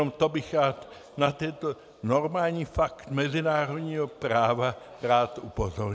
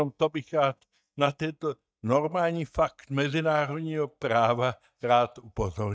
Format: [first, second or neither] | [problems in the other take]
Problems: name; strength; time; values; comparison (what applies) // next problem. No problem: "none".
first | noise reduction (neural mask model DeepFilterNet 3)